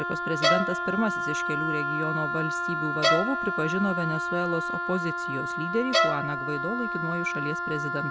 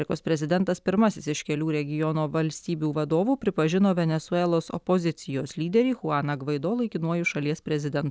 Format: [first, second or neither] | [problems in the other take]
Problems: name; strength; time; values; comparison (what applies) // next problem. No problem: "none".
second | background sound (Wind instrument, woodwind instrument + Bowed string instrument); 3 dB above the speech